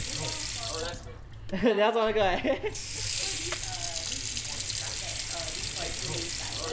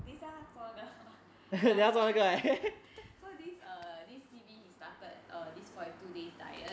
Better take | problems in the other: second | background sound (Sink (filling or washing) / Water); 2 dB below the speech

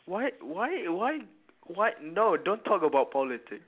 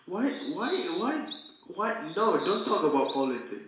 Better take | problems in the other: first | background sound (Bird vocalization, bird call, bird song); 16 dB below the speech // room echo; dies away in 0.7 s

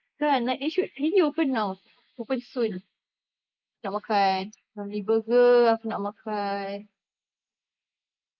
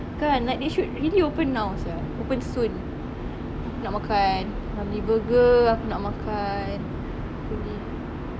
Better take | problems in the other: second | noise reduction (neural mask model Resemble Enhance denoiser)

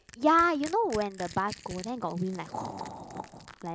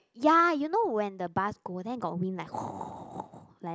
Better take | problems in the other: second | background sound (Crushing); 18 dB below the speech

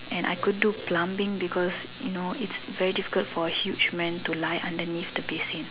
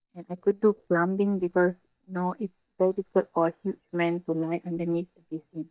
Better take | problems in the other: first | noise reduction (neural mask model DeepFilterNet 3)

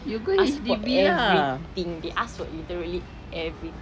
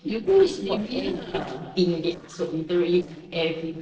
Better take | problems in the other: first | noise reduction (neural separator model SepFormer DNS4)

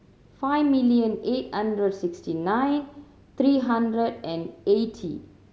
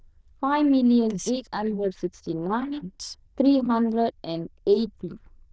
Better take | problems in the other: first | noise reduction (neural diffusion model UNIVERSE++)

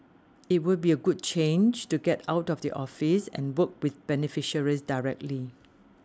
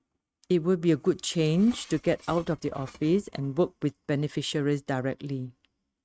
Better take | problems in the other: first | noise reduction (neural mask model RNNoise)

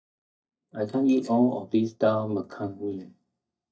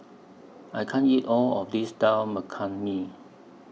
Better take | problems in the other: second | noise reduction (neural mask model DeepFilterNet 3)

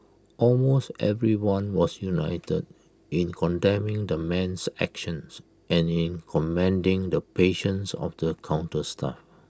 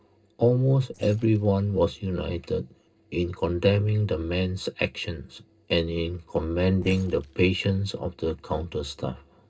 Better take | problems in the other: first | noise reduction (neural separator model SepFormer DNS4)

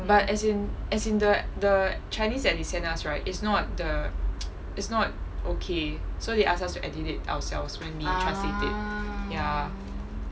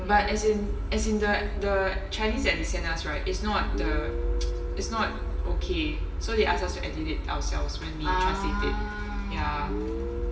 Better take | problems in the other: first | background sound (Guitar); 15 dB below the speech // room echo; dies away in 0.9 s

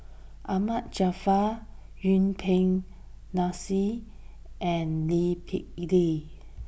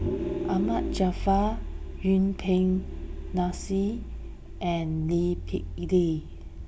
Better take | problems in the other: first | background sound (Vehicle); 6 dB below the speech

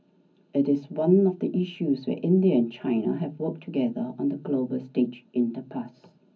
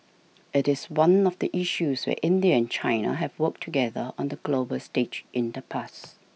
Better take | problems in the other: second | room echo; dies away in 0.4 s

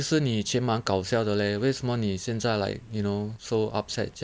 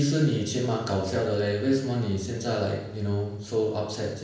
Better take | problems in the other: first | room echo; dies away in 0.9 s

